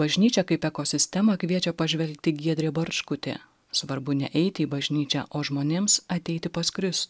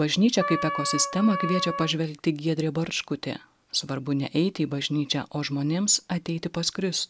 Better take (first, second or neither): first